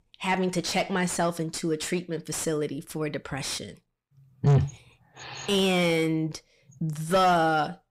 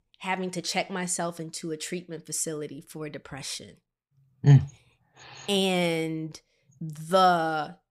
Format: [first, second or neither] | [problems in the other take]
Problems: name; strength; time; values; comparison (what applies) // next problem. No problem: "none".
second | distortion; heavy; 5 dB below the speech